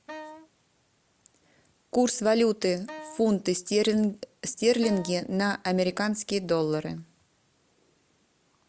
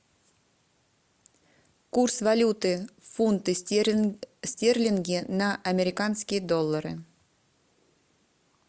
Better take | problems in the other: second | background sound (Wind instrument, woodwind instrument); 17 dB below the speech

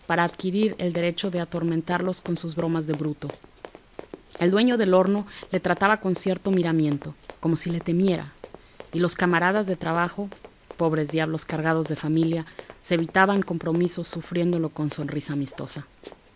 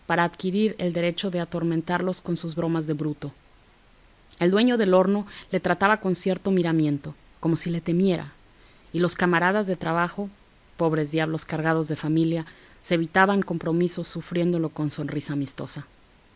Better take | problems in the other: second | background sound (Run); 20 dB below the speech

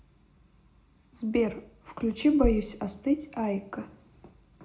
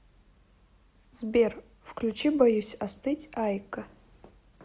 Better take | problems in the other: second | background sound (Bass drum); 2 dB below the speech // room echo; dies away in 0.3 s

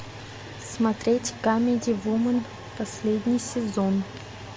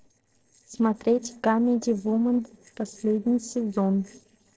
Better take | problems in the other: first | noise reduction (neural separator model SepFormer DNS4)

